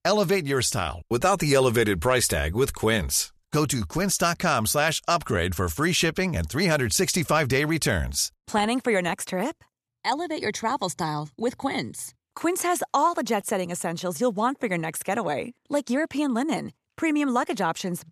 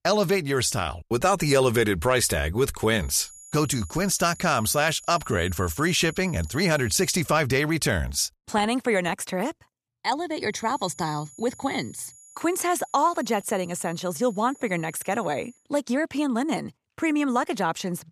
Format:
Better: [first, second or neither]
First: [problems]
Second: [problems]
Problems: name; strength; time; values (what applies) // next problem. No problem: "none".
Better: first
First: none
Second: high-pitched whine; faint; from 3 to 7.5 s and from 11 to 16 s; 7 kHz, 20 dB below the speech